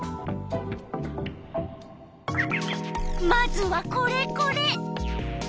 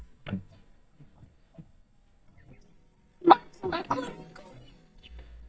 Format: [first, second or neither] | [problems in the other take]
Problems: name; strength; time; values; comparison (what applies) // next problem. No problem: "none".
first | noise reduction (neural mask model DeepFilterNet 3)